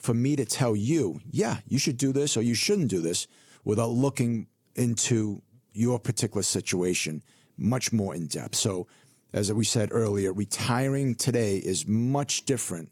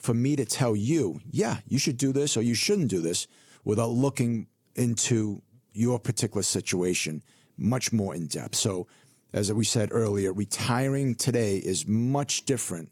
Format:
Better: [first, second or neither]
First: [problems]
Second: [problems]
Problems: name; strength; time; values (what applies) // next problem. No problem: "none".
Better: neither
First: none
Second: none